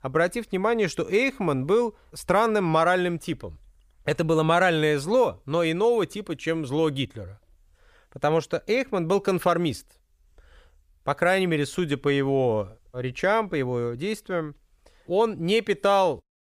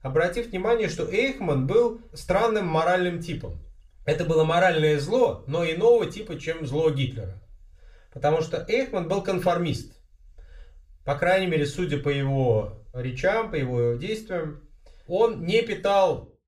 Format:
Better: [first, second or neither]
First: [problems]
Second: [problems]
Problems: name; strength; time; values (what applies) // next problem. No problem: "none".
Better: first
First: none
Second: room echo; very slight; dies away in 0.3 s // off-mic speech; far